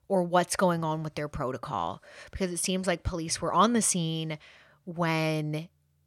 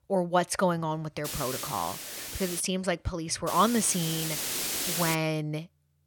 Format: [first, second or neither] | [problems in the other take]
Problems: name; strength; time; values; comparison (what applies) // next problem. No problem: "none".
first | hiss; loud; from 1.5 to 2.5 s and from 3.5 to 5 s; 3 dB below the speech